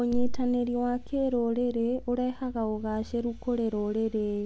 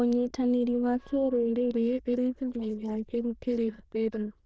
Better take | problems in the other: first | noise reduction (neural diffusion model UNIVERSE++)

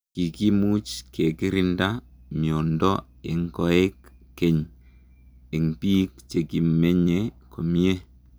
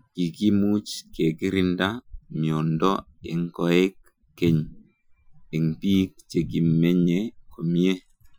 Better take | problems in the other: first | noise reduction (classical method Wiener filter)

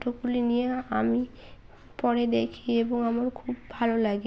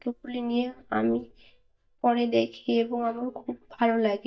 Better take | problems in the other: first | noise reduction (neural mask model DeepFilterNet 3)

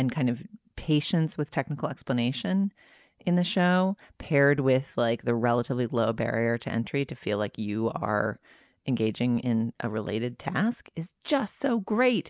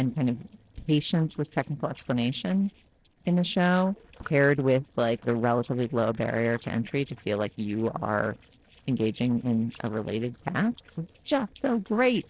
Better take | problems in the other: first | noise reduction (neural separator model SepFormer DNS4)

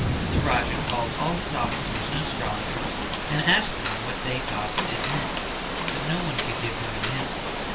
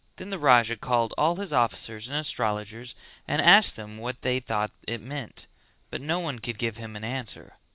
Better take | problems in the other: second | background sound (Rain); 2 dB above the speech // room echo; dies away in 0.2 s

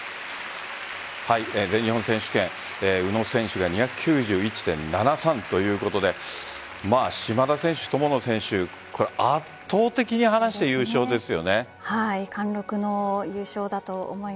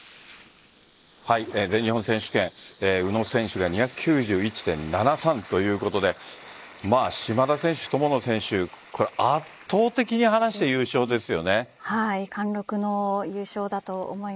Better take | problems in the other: first | noise reduction (neural mask model Resemble Enhance denoiser)

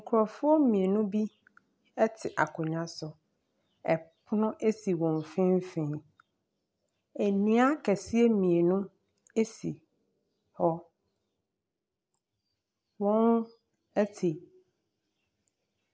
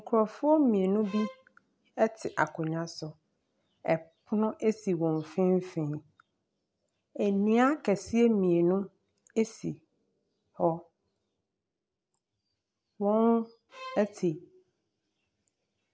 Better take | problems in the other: first | background sound (Bowed string instrument); 16 dB below the speech

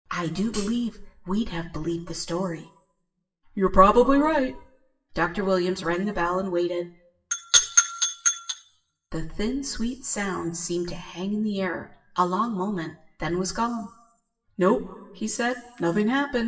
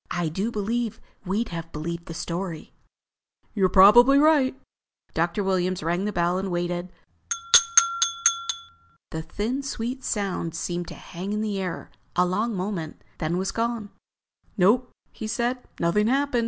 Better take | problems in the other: second | noise reduction (classical method WPE with log-MMSE)

